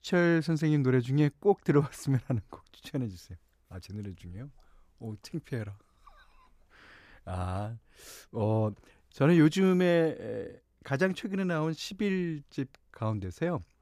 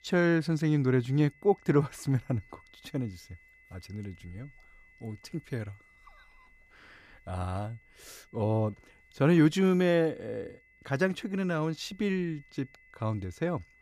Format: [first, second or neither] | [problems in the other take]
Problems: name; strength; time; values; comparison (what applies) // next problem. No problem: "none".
first | high-pitched whine; faint; throughout; 2 kHz, 30 dB below the speech